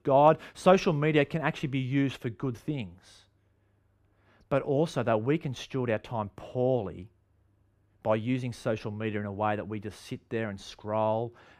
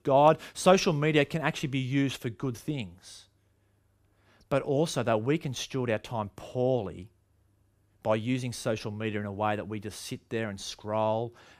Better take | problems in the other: second | muffled; slightly; fading above 3.5 kHz

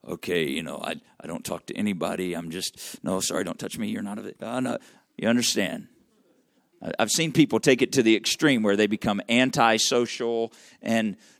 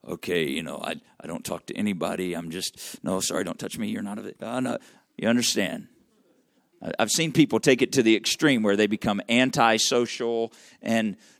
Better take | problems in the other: neither | none

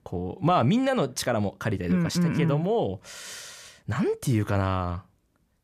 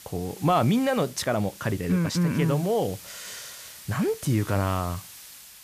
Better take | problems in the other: first | hiss; noticeable; throughout; 15 dB below the speech

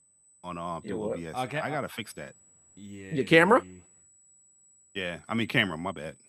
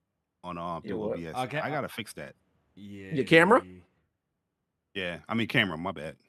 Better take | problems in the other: second | high-pitched whine; faint; throughout; 8 kHz, 30 dB below the speech

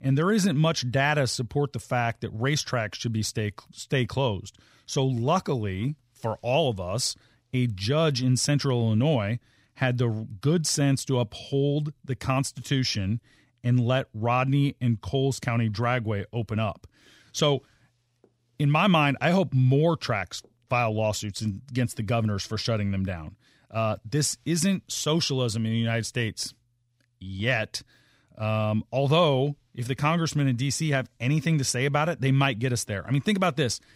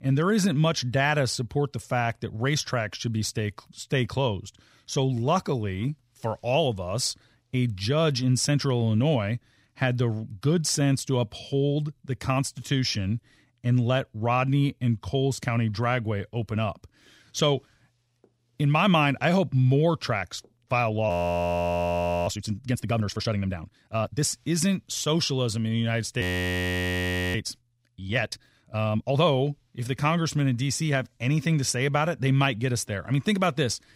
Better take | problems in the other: first | audio freezing; at 21 s for 1 s and at 26 s for 1 s

